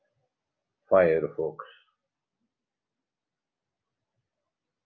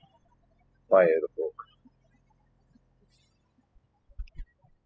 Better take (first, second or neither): first